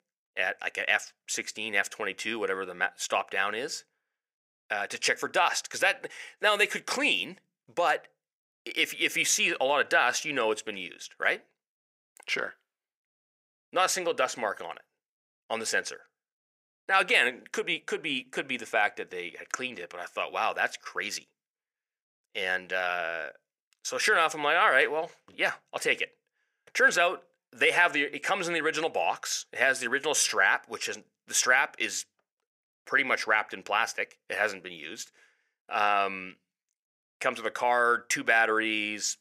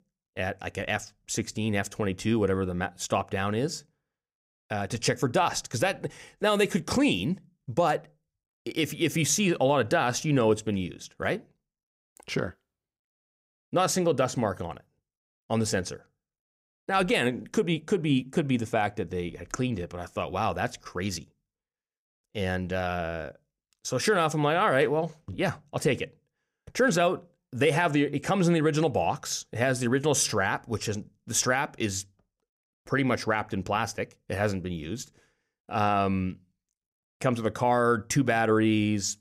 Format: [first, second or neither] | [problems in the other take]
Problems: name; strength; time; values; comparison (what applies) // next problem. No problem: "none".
second | thin; very; fading below 550 Hz